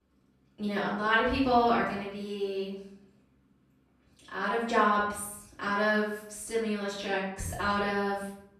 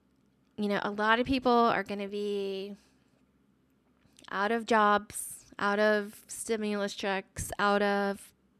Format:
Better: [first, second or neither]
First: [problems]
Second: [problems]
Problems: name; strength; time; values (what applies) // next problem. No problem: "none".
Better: second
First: off-mic speech; far // room echo; noticeable; dies away in 0.7 s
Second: none